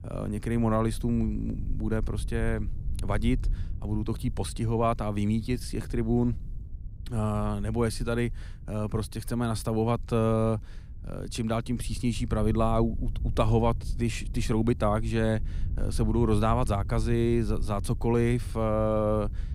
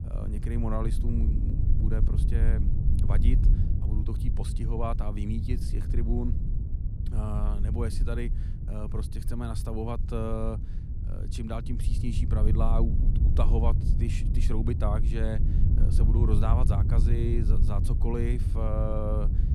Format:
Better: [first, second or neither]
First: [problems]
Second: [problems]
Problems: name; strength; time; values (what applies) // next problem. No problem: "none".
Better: first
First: low rumble; faint; throughout; 25 dB below the speech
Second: low rumble; loud; throughout; 6 dB below the speech